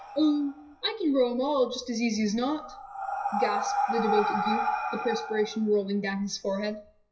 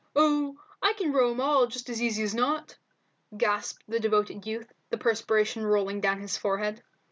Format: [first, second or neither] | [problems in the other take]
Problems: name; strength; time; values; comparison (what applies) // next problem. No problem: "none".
second | noise reduction (classical method WPE with log-MMSE)